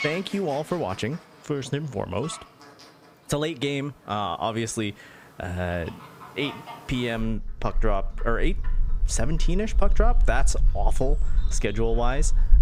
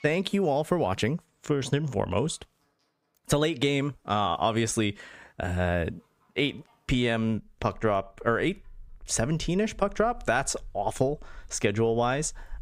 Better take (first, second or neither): second